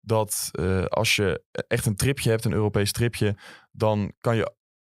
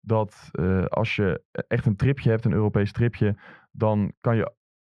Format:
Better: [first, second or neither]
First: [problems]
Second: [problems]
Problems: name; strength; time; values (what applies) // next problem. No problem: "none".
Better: first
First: none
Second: muffled; very; fading above 2 kHz